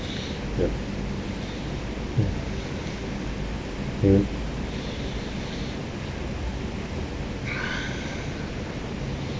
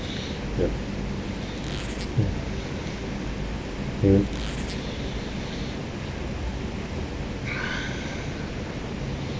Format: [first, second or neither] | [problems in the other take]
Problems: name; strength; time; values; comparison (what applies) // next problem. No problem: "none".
first | background sound (Squeak); 15 dB below the speech